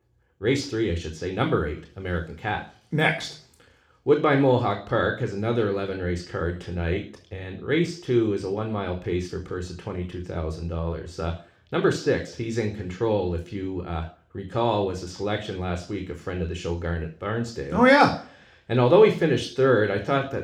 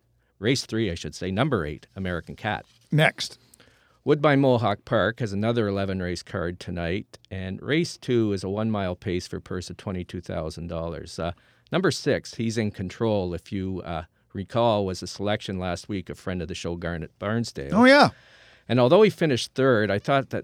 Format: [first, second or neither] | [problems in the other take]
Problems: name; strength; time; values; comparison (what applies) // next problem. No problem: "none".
second | room echo; slight; dies away in 0.4 s // off-mic speech; somewhat distant